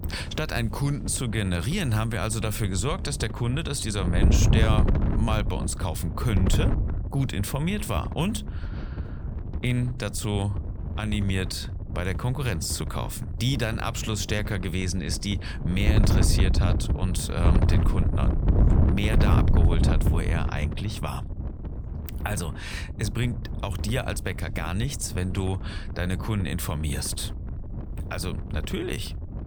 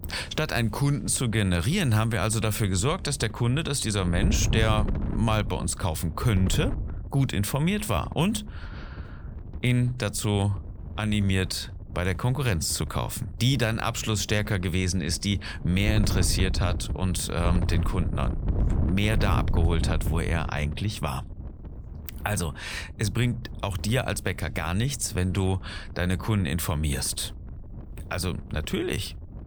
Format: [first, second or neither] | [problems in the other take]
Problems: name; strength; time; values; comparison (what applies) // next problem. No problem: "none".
second | wind noise on the microphone; heavy; 7 dB below the speech; occasional gusts in the second